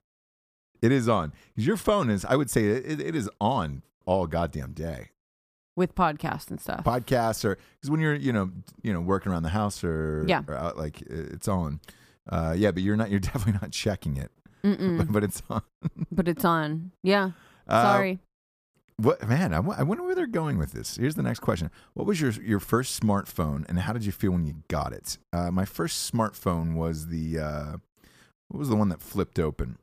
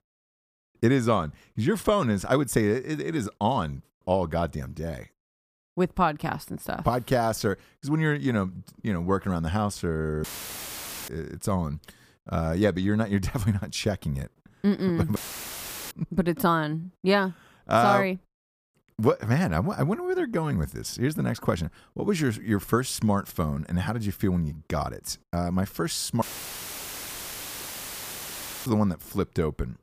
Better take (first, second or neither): first